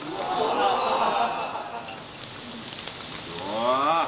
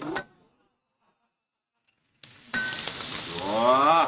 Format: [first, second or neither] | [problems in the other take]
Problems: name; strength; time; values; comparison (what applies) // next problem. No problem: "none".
first | noise reduction (neural mask model RNNoise)